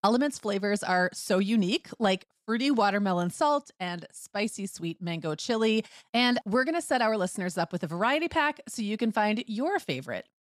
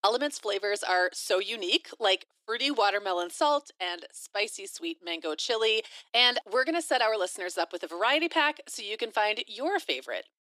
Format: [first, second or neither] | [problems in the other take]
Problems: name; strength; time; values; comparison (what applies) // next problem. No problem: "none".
first | thin; very; fading below 300 Hz